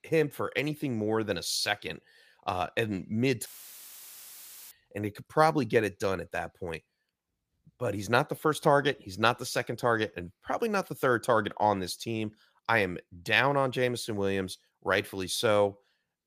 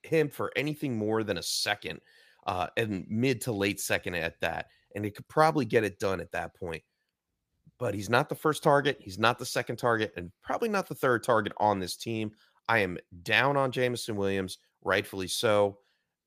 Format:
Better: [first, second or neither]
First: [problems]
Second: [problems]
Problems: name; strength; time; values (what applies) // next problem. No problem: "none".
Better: second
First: audio cutting out; filled with static; at 3.5 s for 1.5 s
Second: none